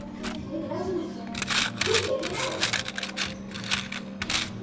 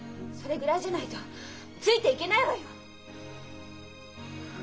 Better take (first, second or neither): second